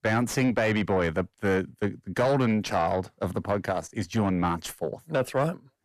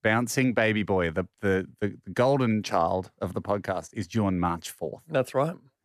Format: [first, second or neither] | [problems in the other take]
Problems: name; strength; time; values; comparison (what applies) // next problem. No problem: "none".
second | distortion; slight; 10 dB below the speech